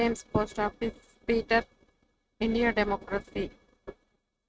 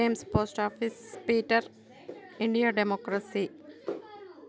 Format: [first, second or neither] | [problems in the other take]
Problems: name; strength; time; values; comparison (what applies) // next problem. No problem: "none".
second | noise reduction (neural mask model RNNoise)